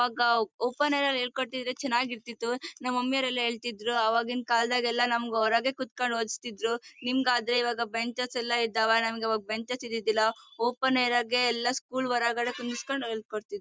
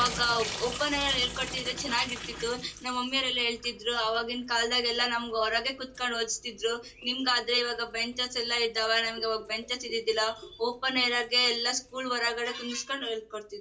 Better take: first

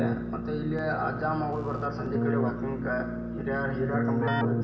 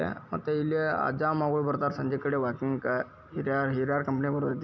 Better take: second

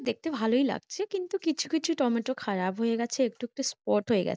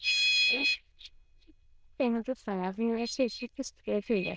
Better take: first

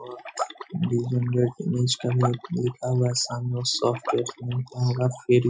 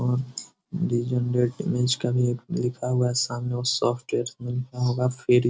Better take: second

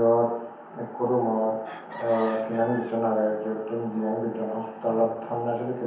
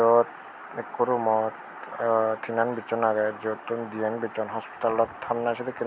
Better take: second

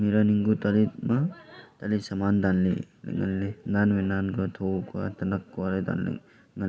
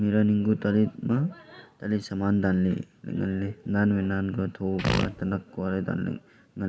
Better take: first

